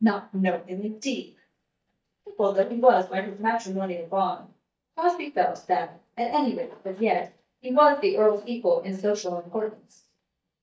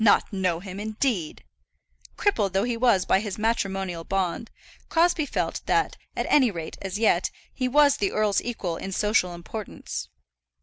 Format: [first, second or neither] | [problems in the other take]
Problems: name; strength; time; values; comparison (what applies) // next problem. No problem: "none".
second | noise reduction (neural mask model DeepFilterNet 3)